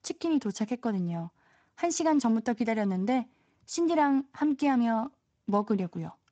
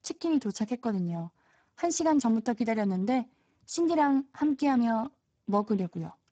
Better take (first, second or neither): first